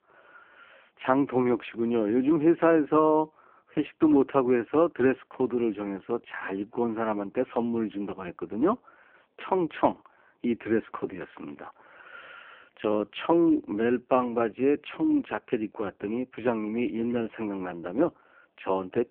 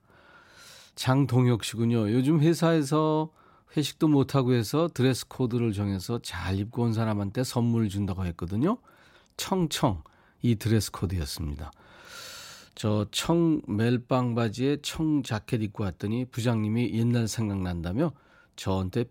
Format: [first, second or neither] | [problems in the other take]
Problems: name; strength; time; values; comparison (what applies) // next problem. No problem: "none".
second | phone-call audio; poor line